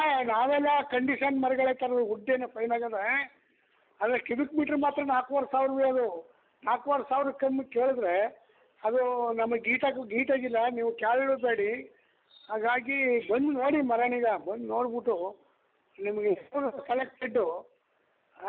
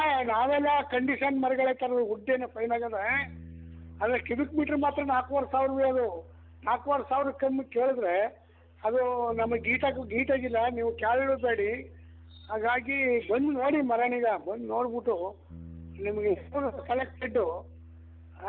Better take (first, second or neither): first